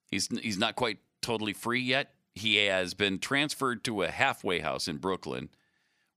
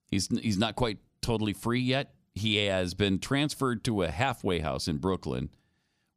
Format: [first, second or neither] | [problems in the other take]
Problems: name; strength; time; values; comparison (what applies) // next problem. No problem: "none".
second | thin; very slightly; fading below 750 Hz